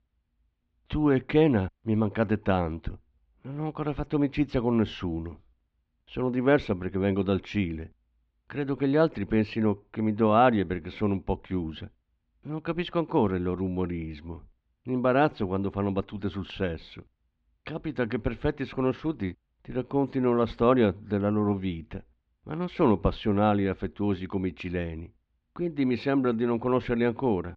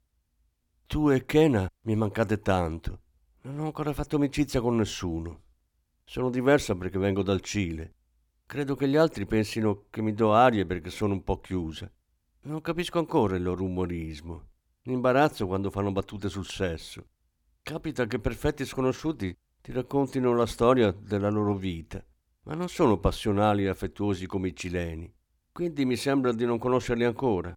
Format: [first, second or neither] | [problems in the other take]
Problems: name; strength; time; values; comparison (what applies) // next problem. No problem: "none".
second | muffled; slightly; fading above 3.5 kHz